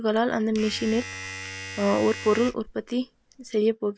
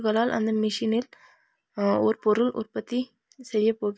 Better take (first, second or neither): second